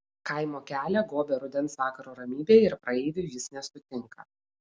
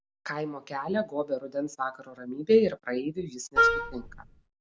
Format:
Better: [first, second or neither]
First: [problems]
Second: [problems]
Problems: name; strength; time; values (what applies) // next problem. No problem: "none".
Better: first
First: none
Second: background sound (Wind instrument, woodwind instrument); 4 dB above the speech